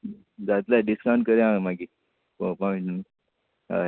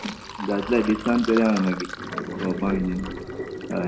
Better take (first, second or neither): first